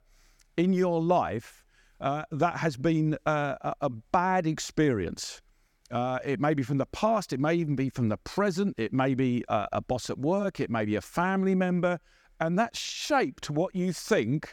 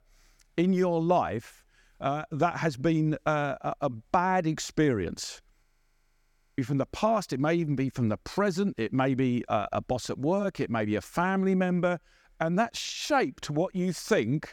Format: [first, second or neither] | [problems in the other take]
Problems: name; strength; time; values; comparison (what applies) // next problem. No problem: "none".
first | audio freezing; at 5.5 s for 1 s